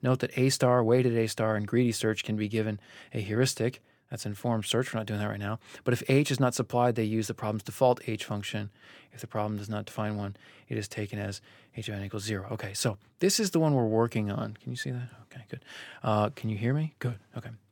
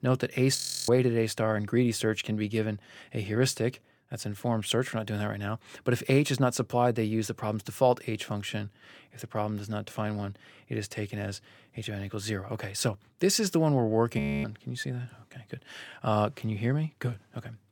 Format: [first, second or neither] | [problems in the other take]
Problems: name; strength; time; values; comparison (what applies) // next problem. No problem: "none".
first | audio freezing; at 0.5 s and at 14 s